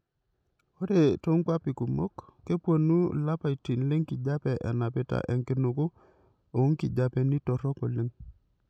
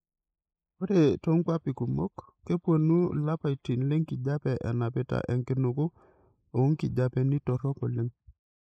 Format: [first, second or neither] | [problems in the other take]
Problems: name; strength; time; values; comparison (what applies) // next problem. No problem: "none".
first | noise reduction (neural mask model Resemble Enhance denoiser)